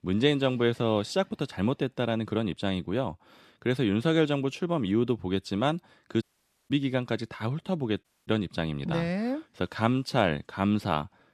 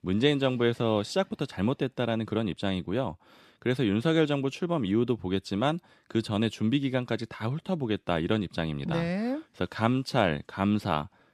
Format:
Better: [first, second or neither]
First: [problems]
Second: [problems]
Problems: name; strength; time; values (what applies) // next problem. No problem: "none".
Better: second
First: audio cutting out; at 6 s and at 8 s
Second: none